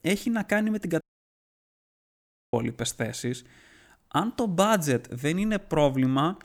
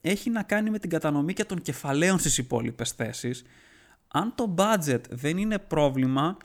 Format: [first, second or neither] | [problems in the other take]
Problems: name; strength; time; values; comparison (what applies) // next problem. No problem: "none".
second | audio cutting out; at 1 s for 1.5 s